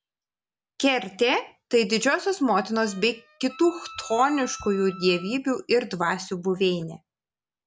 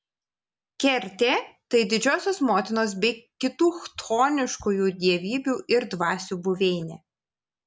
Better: second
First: background sound (Wind instrument, woodwind instrument); 18 dB below the speech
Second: none

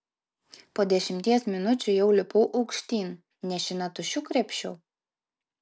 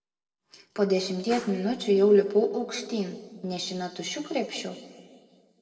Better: first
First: none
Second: noise reduction (neural separator model SepFormer DNS4)

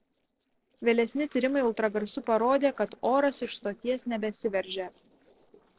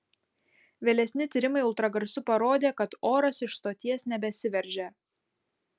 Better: second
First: noise reduction (neural separator model SepFormer DNS4)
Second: none

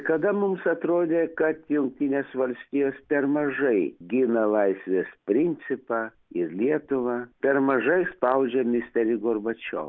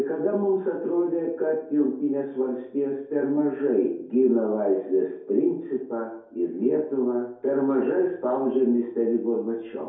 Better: first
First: none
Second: room echo; dies away in 2.3 s

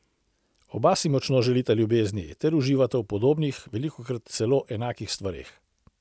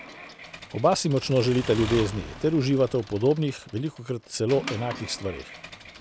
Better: first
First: none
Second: background sound (Accelerating, revving, vroom / Mechanisms); 14 dB below the speech

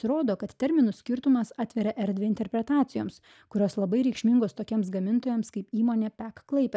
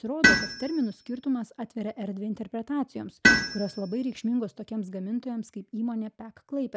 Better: first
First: none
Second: background sound (Tools); 2 dB above the speech

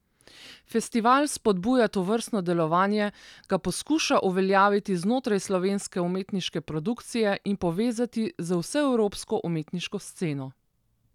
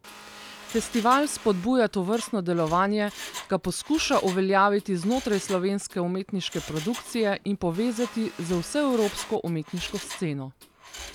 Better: first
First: none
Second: background sound (Mechanisms + Vehicle); 16 dB below the speech

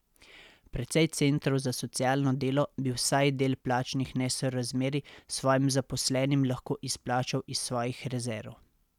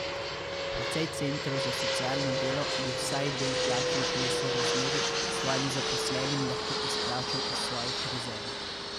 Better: first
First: none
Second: background sound (Fixed-wing aircraft, airplane); 5 dB above the speech

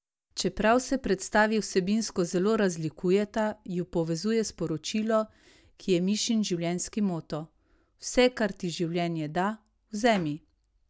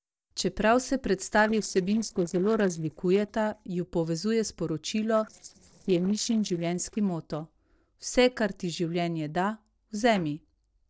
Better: first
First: none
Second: noise reduction (neural separator model SepFormer DNS4)

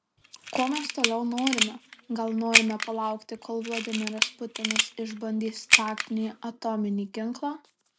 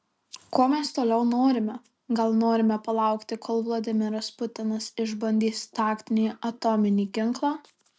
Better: second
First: background sound (Camera); 2 dB above the speech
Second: none

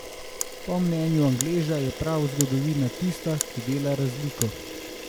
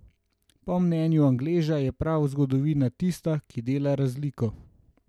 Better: second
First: background sound (Camera); 9 dB below the speech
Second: none

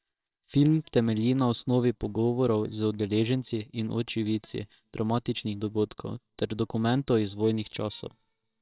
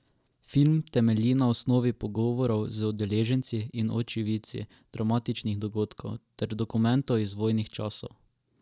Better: second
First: noise reduction (neural separator model SepFormer WHAMR!)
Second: none

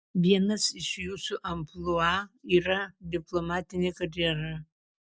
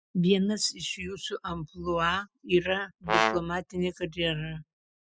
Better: first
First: none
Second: noise reduction (classical method spectral subtraction)

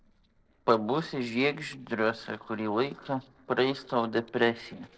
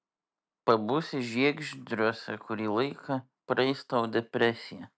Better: second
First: noise reduction (neural separator model SepFormer DNS4)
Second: none

